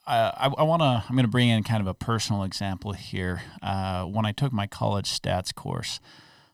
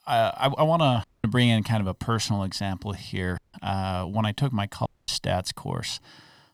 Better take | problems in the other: first | audio cutting out; at 1 s, at 3.5 s and at 5 s

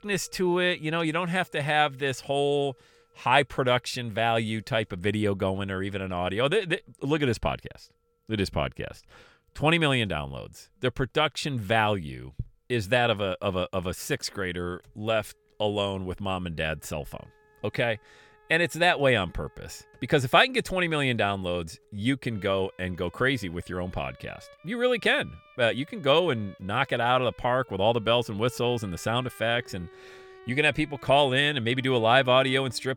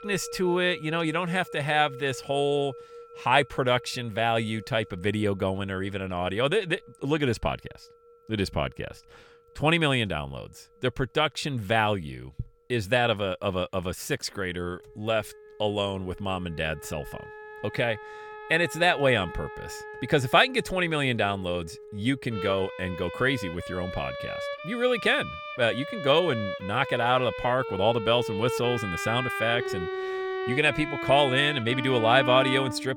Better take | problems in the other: first | background music; loud; throughout; 9 dB below the speech; faint in the first

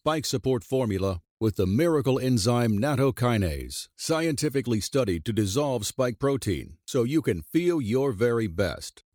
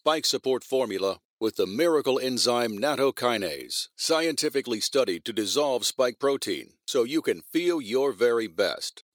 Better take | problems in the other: first | thin; somewhat; fading below 450 Hz

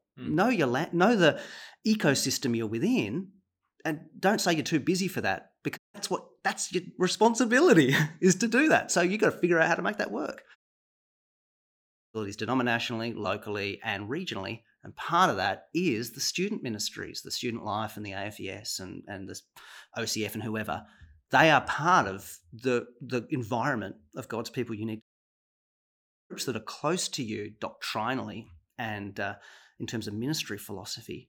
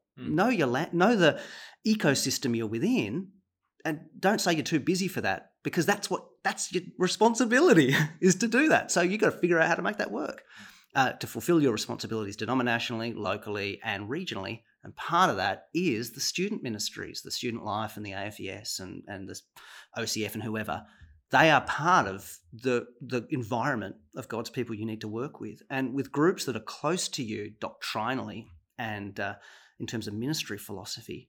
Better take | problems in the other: second | audio cutting out; at 6 s, at 11 s for 1.5 s and at 25 s for 1.5 s

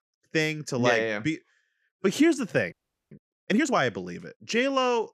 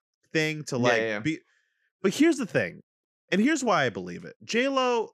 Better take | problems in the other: second | audio freezing; at 2.5 s

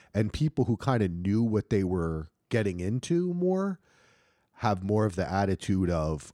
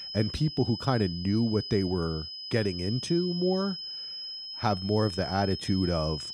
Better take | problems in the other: first | high-pitched whine; loud; throughout; 5 kHz, 8 dB below the speech

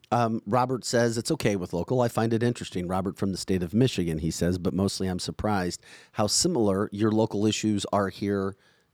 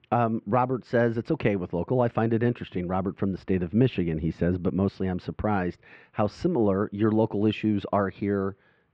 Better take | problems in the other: first | muffled; very; fading above 2.5 kHz

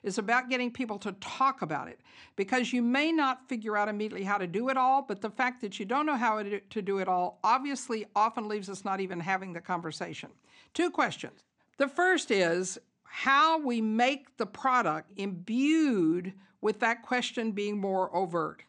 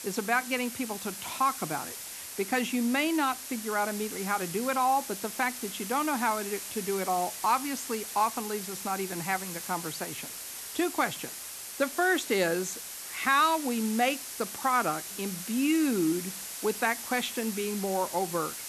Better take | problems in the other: first | hiss; loud; throughout; 7 dB below the speech

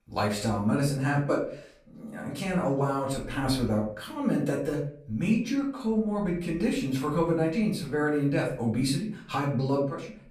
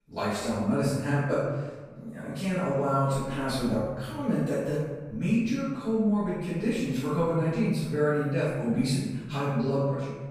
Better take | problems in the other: first | room echo; strong; dies away in 1.4 s; slight in the first // off-mic speech; far; far in the first

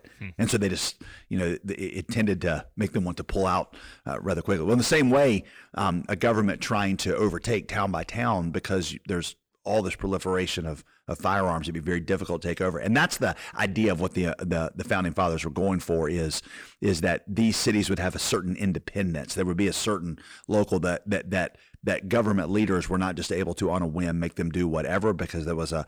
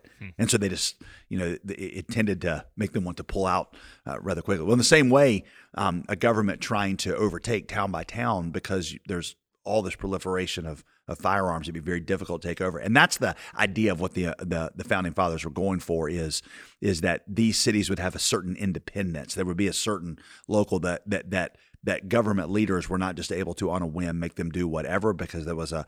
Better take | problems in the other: second | distortion; slight; 10 dB below the speech

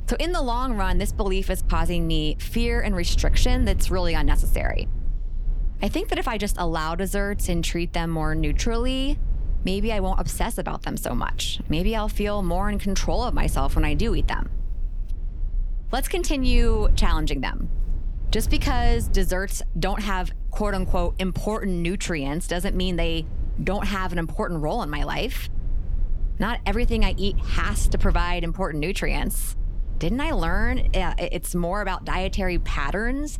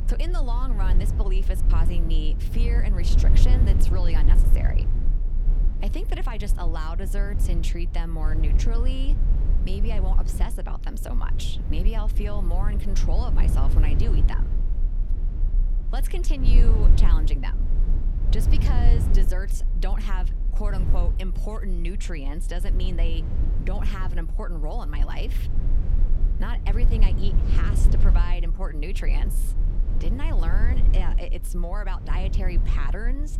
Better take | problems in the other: first | low rumble; loud; throughout; 6 dB below the speech; faint in the first

